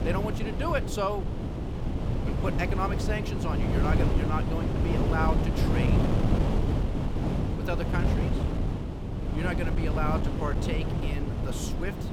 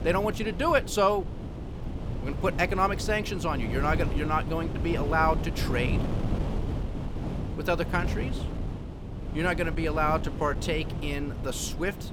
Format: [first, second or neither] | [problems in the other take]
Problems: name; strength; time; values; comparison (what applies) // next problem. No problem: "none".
second | wind noise on the microphone; heavy; 2 dB below the speech; occasional gusts in the second